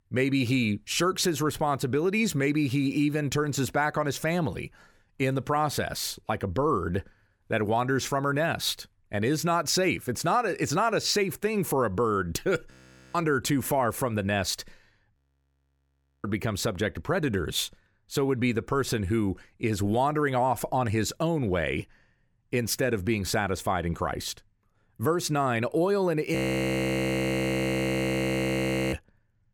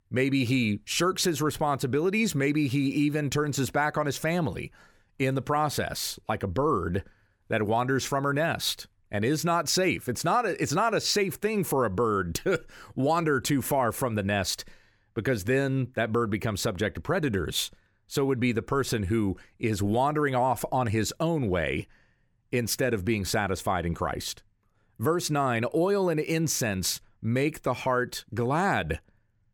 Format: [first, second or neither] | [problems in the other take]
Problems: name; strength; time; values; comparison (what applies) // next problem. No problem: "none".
second | audio freezing; at 13 s, at 15 s for 1 s and at 26 s for 2.5 s